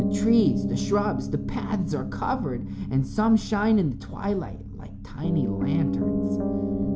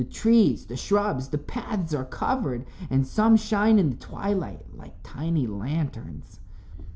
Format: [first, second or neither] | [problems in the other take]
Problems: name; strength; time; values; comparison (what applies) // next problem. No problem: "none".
second | background sound (Piano); 2 dB below the speech